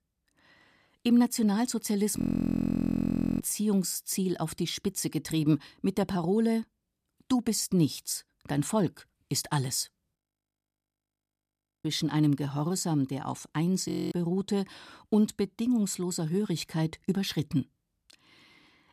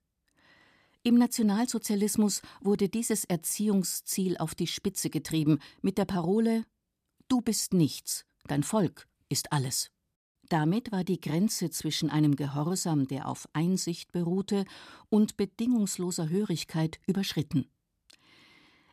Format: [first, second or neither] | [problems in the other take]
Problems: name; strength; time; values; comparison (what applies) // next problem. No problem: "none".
second | audio freezing; at 2 s for 1 s, at 10 s for 1.5 s and at 14 s